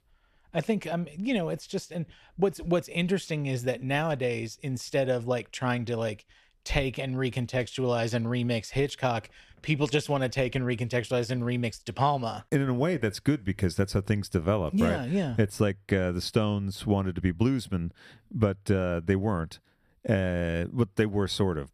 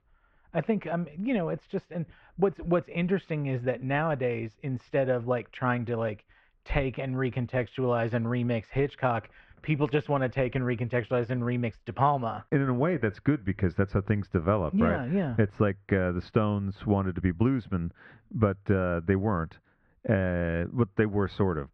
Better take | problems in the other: first | muffled; very; fading above 2 kHz

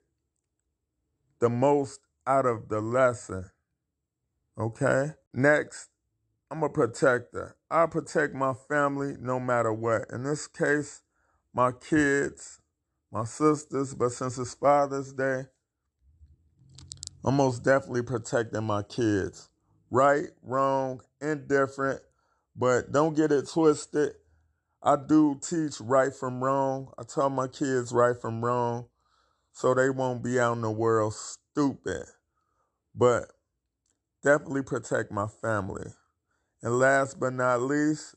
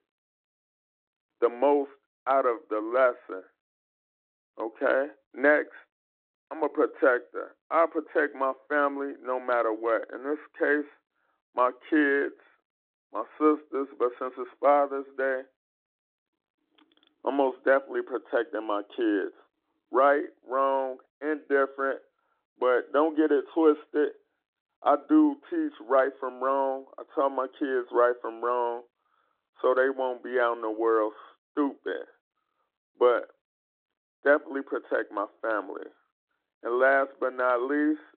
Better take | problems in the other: first | phone-call audio

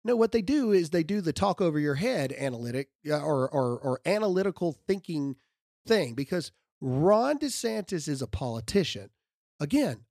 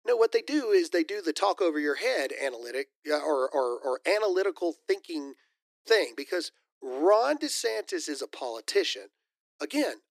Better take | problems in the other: first | thin; somewhat; fading below 300 Hz

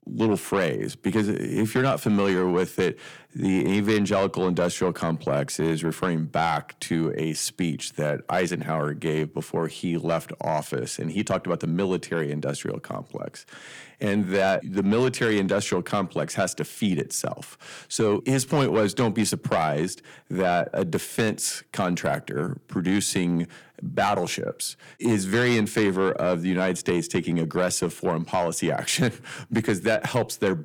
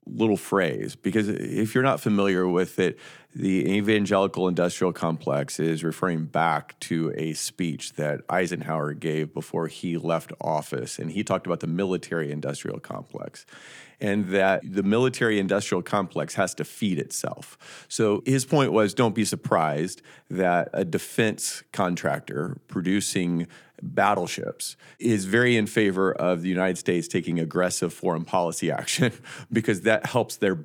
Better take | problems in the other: second | distortion; slight; 10 dB below the speech

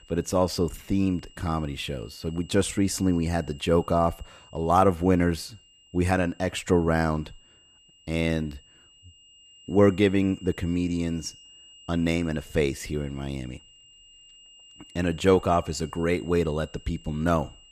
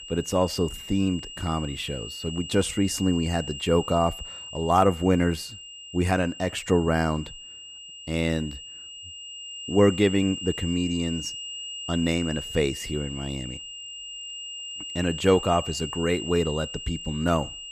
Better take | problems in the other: first | high-pitched whine; loud; throughout; 3 kHz, 10 dB below the speech; faint in the first

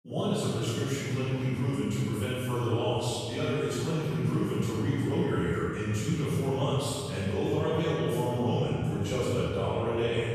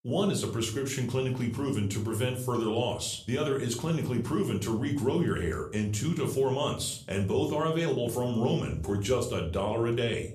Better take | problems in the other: second | room echo; strong; dies away in 2.3 s; slight in the second // off-mic speech; far; somewhat distant in the second

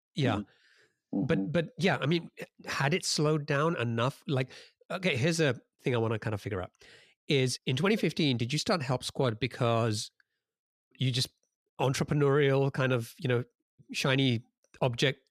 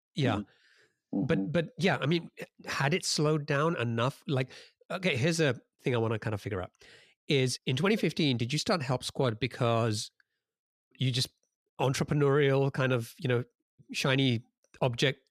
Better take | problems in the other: neither | none

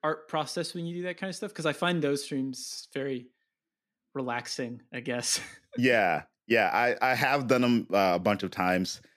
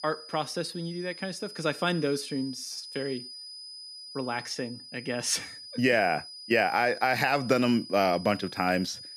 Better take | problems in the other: first | high-pitched whine; noticeable; throughout; 5 kHz, 15 dB below the speech

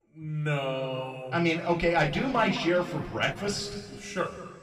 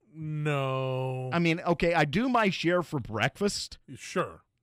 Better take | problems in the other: second | room echo; slight; dies away in 1.9 s // off-mic speech; somewhat distant

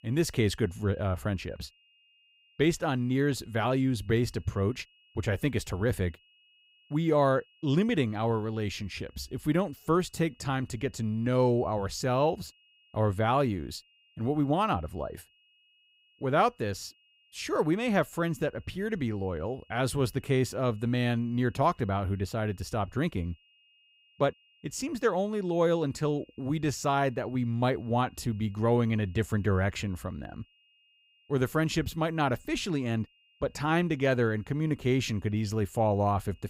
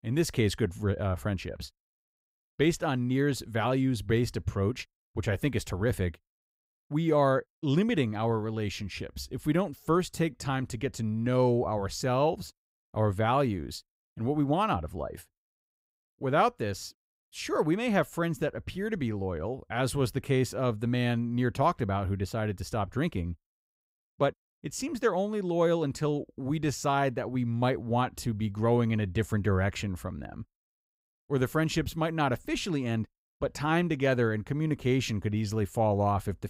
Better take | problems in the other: second | high-pitched whine; faint; throughout; 3 kHz, 35 dB below the speech

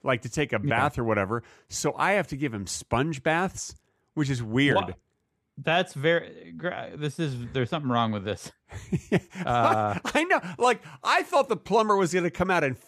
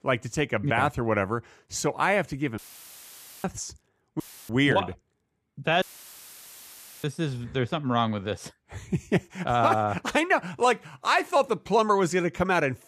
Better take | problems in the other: first | audio cutting out; filled with static; at 2.5 s for 1 s, at 4 s and at 6 s for 1 s

